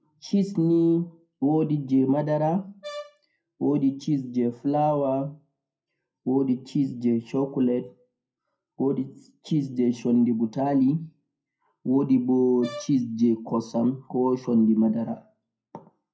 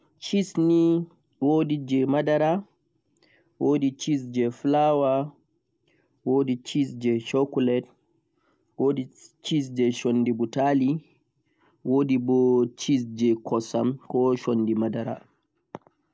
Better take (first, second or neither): second